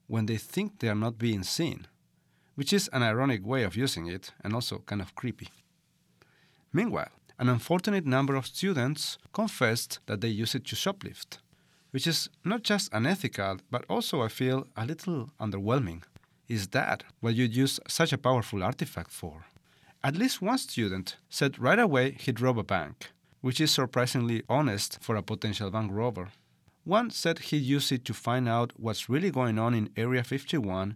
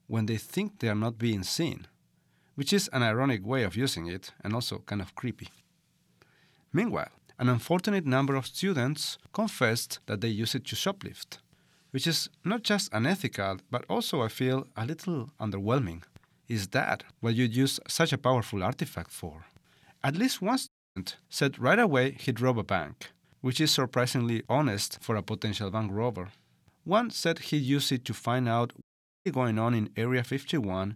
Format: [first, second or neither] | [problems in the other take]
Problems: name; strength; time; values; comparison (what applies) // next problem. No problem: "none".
first | audio cutting out; at 21 s and at 29 s